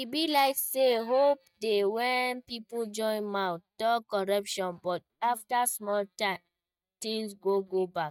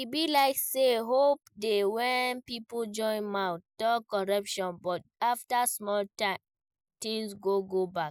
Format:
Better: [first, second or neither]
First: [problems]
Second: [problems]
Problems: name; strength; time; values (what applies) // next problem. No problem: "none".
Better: second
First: noise reduction (neural mask model DeepFilterNet 3)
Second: none